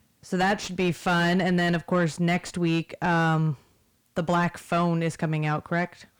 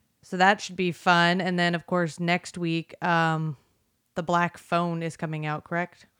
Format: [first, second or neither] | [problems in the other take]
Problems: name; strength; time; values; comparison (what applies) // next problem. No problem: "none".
second | distortion; heavy; 5 dB below the speech